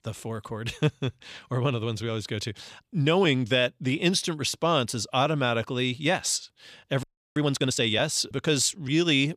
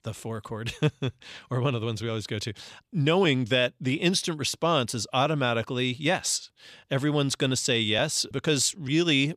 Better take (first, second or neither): second